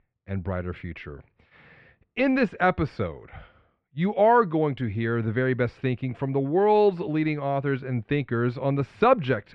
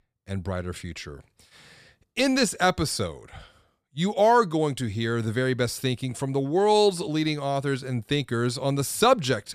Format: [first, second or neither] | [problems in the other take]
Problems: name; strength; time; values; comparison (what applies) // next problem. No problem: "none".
second | muffled; very; fading above 2.5 kHz